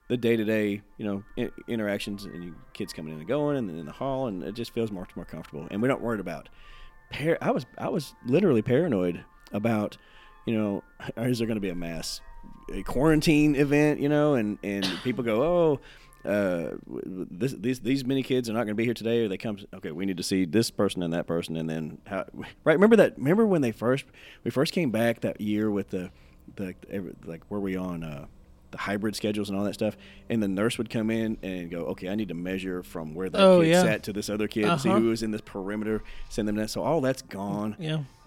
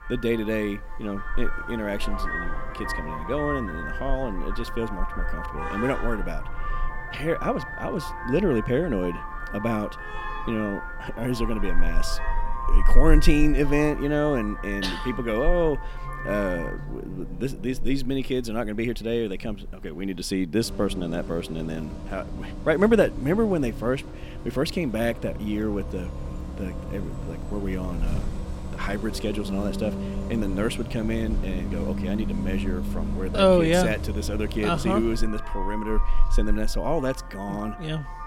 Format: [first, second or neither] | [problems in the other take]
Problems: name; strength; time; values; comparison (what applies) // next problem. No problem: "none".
first | traffic noise; loud; throughout; 6 dB below the speech; faint in the first